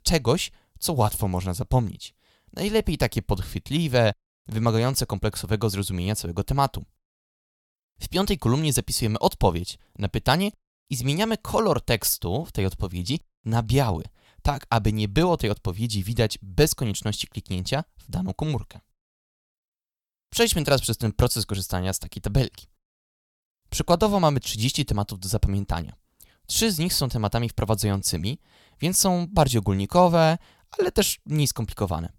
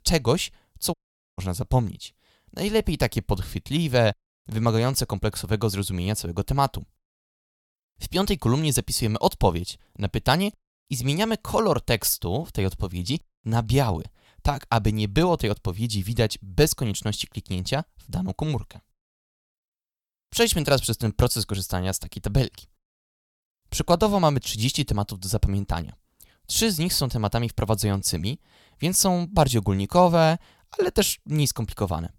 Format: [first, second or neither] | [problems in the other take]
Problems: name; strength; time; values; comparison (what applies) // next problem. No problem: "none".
first | audio cutting out; at 1 s